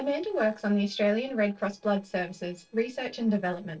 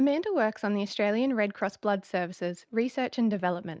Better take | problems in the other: second | noise reduction (neural separator model SepFormer DNS4)

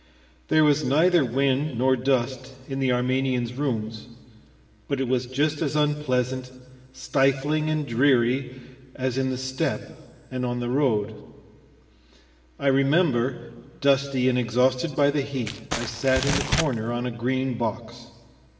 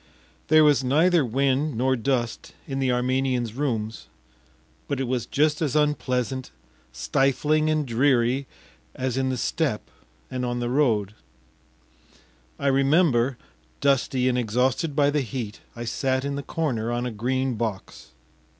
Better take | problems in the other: second | background sound (Crumpling, crinkling); 4 dB below the speech // room echo; dies away in 1.6 s

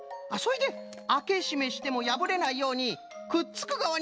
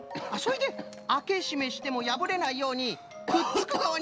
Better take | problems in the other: first | background sound (Cough); 6 dB below the speech

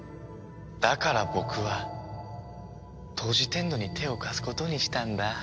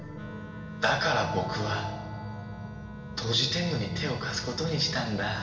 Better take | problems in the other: first | background sound (Wind instrument, woodwind instrument); 15 dB below the speech // room echo; dies away in 0.9 s

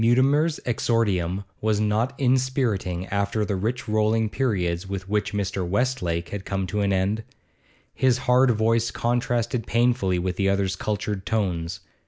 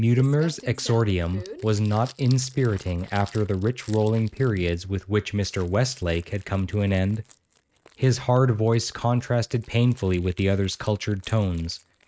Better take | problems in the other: first | noise reduction (neural mask model RNNoise)

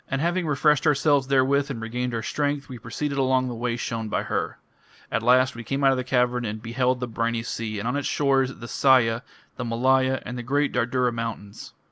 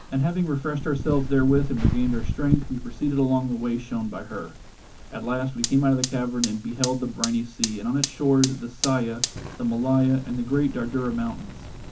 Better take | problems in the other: first | background sound (Fire); 6 dB below the speech // room echo; dies away in 0.3 s

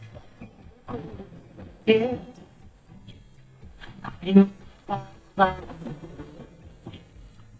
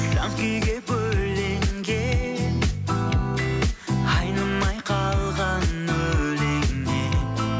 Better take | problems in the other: second | noise reduction (neural mask model DeepFilterNet 3)

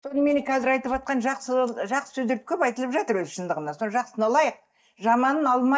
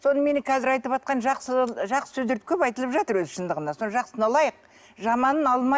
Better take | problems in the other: second | noise reduction (neural mask model DeepFilterNet 3)

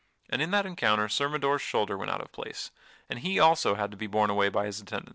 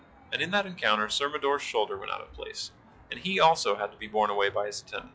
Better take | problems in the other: first | noise reduction (classical method log-MMSE)

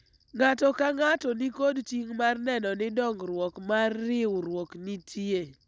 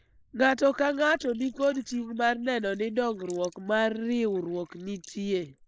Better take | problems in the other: first | noise reduction (neural mask model Resemble Enhance denoiser)

